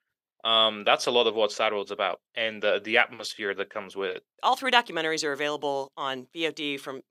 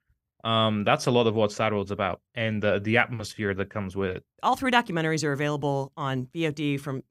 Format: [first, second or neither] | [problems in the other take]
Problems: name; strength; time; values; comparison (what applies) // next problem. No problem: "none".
second | thin; somewhat; fading below 450 Hz